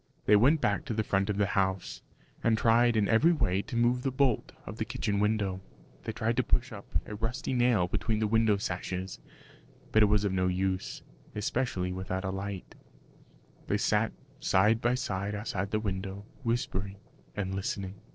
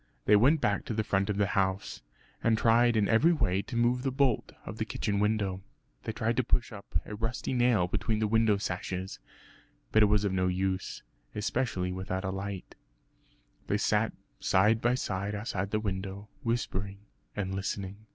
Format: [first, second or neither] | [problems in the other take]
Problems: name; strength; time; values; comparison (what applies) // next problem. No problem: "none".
second | noise reduction (neural separator model SepFormer DNS4)